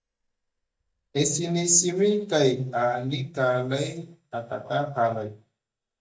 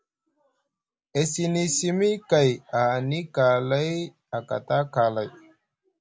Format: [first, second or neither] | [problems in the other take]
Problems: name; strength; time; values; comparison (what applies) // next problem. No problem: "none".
second | noise reduction (neural mask model DeepFilterNet 3)